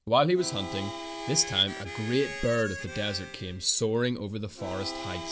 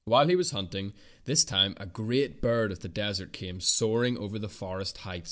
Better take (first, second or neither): second